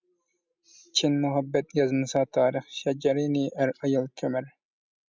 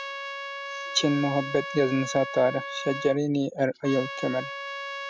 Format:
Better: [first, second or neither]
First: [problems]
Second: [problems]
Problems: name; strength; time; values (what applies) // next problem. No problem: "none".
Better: first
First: none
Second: background sound (Trumpet); 9 dB below the speech